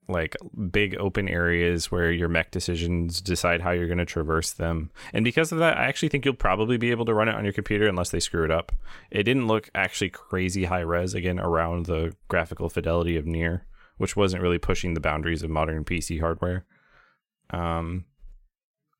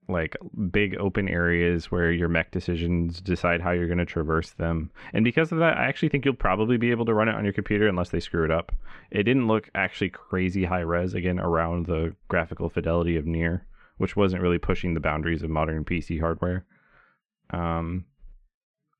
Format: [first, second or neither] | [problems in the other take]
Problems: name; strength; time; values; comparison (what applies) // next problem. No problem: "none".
first | muffled; slightly; fading above 2.5 kHz